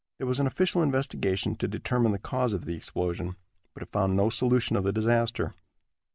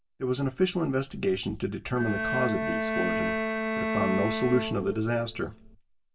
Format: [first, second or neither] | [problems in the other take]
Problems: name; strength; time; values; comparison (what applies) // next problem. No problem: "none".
first | background sound (Bowed string instrument); 1 dB below the speech // room echo; dies away in 0.2 s